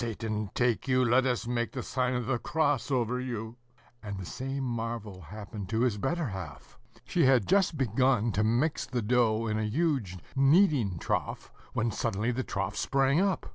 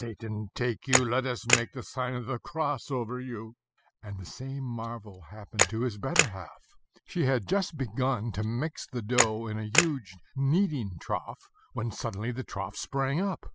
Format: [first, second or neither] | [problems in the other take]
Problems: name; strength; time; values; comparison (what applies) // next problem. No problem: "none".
first | noise reduction (classical method spectral subtraction)